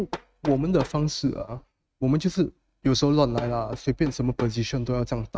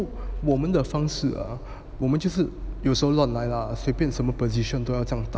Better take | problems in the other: second | noise reduction (neural mask model RNNoise)

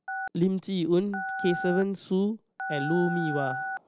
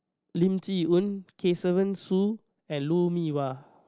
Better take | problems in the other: second | background sound (Telephone); 7 dB below the speech

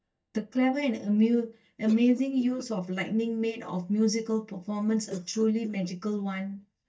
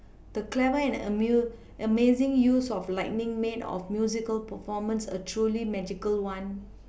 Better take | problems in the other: second | noise reduction (neural mask model DeepFilterNet 3)

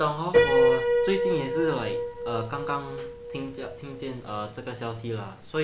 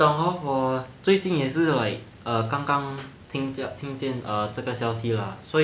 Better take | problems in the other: second | background sound (Piano); 4 dB above the speech

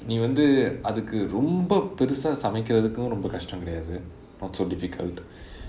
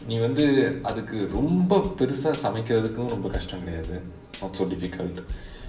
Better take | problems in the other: first | background sound (Tambourine / Drum / Drum kit); 15 dB below the speech // room echo; dies away in 1 s

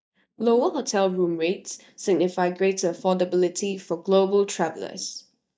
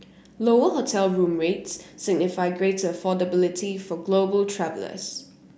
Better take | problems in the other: second | noise reduction (neural mask model DeepFilterNet 3)

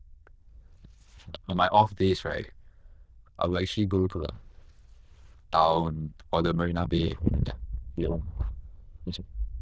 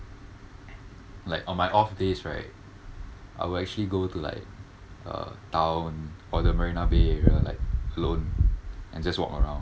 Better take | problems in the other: second | noise reduction (neural diffusion model UNIVERSE++)

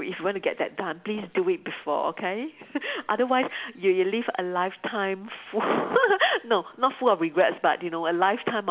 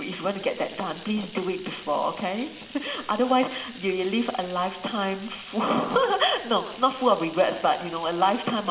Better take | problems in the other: first | background sound (Bathtub (filling or washing)); 19 dB below the speech // room echo; dies away in 2.9 s

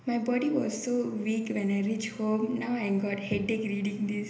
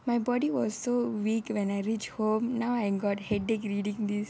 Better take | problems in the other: second | room echo; dies away in 0.8 s

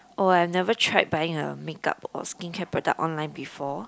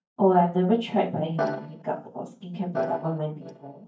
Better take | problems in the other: first | noise reduction (neural mask model DeepFilterNet 3)

